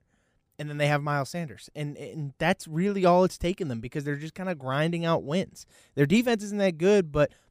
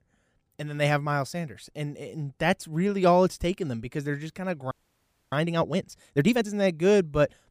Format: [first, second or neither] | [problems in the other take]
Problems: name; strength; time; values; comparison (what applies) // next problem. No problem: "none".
first | audio freezing; at 4.5 s for 0.5 s